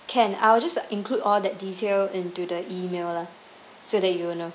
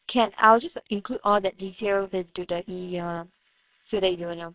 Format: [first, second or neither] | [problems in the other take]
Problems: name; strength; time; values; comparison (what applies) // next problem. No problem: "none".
first | noise reduction (neural separator model SepFormer WHAMR!)